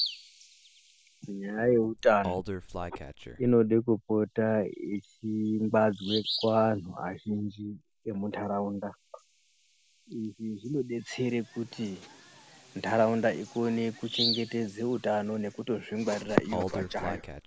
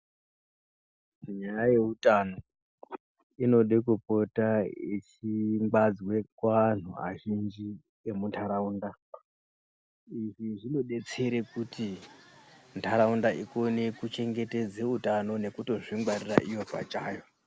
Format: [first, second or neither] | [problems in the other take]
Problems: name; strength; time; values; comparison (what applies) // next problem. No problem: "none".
second | background sound (Bird vocalization, bird call, bird song); 11 dB below the speech